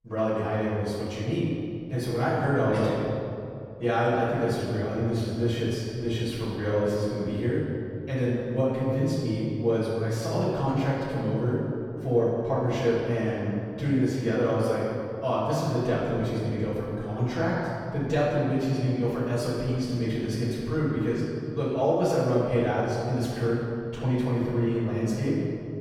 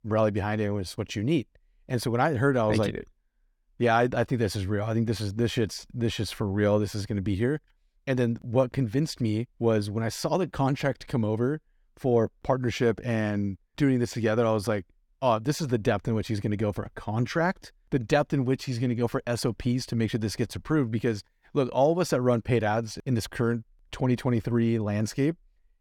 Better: second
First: off-mic speech; far // room echo; strong; dies away in 2.2 s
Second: none

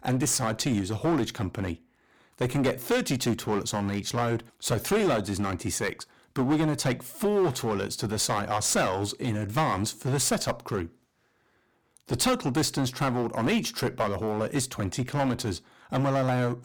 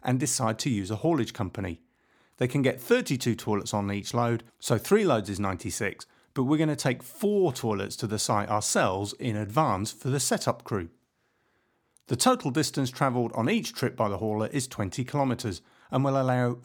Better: second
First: distortion; heavy; 9% of the sound clipped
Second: none

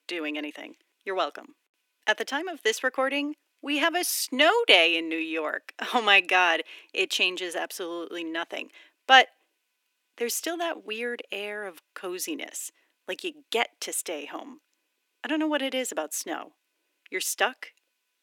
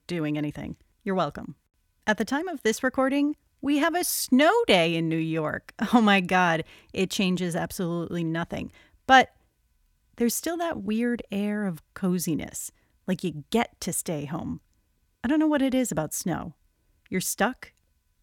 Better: second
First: thin; somewhat; fading below 300 Hz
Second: none

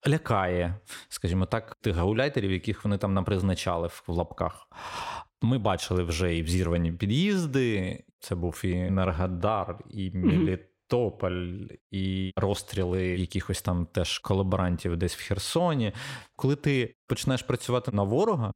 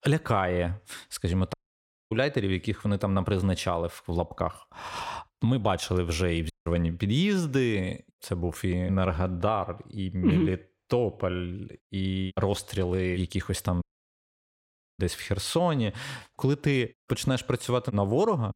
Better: first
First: none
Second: audio cutting out; at 1.5 s for 0.5 s, at 6.5 s and at 14 s for 1 s

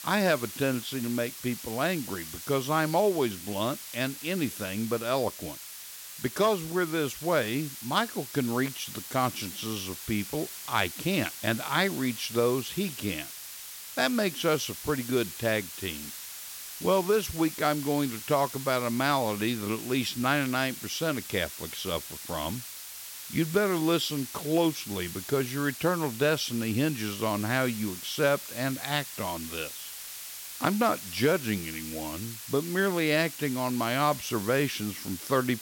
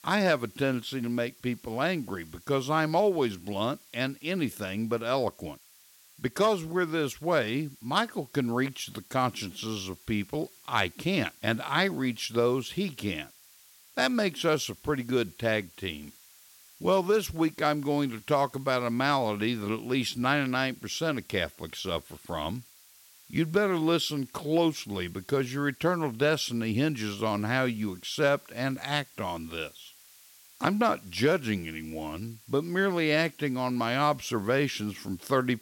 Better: second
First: hiss; loud; throughout; 9 dB below the speech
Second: hiss; faint; throughout; 25 dB below the speech

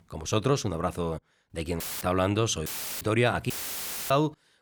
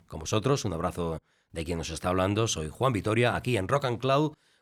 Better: second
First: audio cutting out; filled with static; at 2 s, at 2.5 s and at 3.5 s for 0.5 s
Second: none

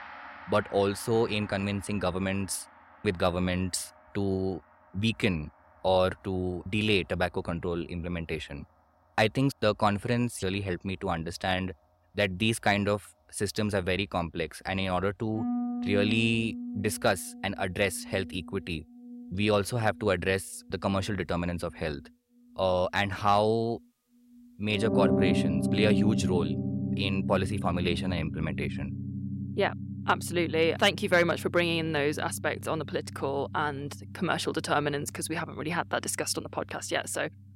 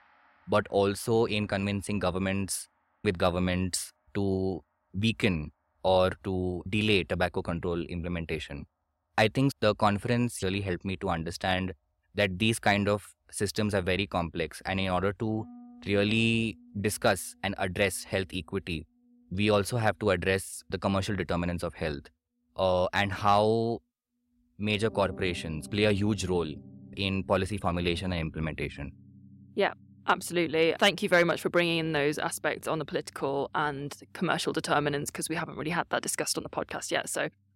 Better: second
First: background music; loud; throughout; 5 dB below the speech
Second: background music; faint; throughout; 25 dB below the speech

